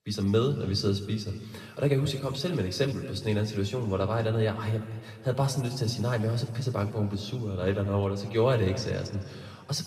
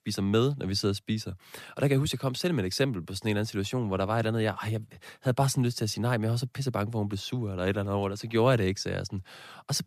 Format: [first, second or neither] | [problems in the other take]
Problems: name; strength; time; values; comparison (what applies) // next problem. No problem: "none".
second | room echo; noticeable; dies away in 2.1 s // off-mic speech; somewhat distant